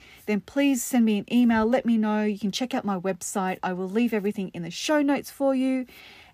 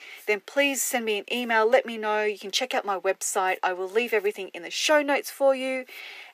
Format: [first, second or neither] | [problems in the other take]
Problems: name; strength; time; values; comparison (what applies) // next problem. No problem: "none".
first | thin; very; fading below 400 Hz